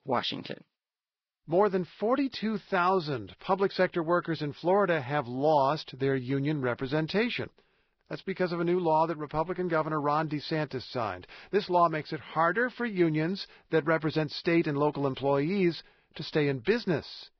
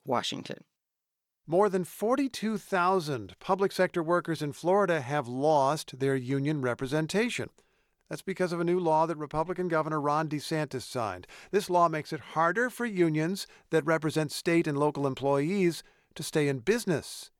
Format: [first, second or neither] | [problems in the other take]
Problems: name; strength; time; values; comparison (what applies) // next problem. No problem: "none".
second | garbled, watery; badly; nothing above 5 kHz